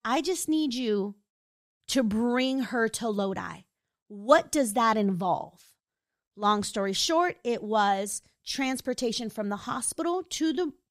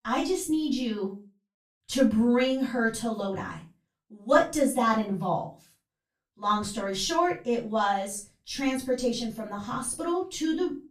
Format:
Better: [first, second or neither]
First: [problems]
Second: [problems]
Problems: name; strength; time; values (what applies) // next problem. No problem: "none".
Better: first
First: none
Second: off-mic speech; far // room echo; slight; dies away in 0.3 s